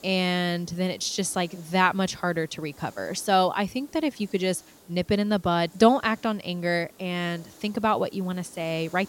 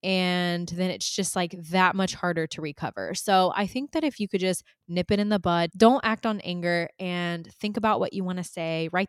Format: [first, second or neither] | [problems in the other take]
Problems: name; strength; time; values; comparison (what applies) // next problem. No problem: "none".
second | hiss; faint; throughout; 25 dB below the speech